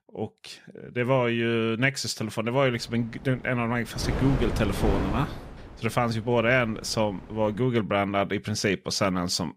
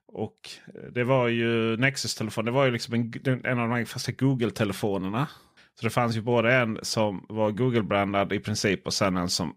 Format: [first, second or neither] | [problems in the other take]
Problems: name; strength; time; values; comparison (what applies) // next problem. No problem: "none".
second | wind noise on the microphone; heavy; from 2.5 to 7.5 s; 8 dB below the speech